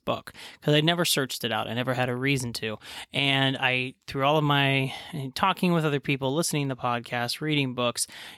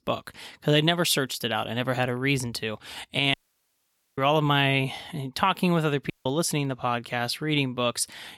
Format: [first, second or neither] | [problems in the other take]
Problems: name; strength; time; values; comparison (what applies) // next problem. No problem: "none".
first | audio cutting out; at 3.5 s for 1 s and at 6 s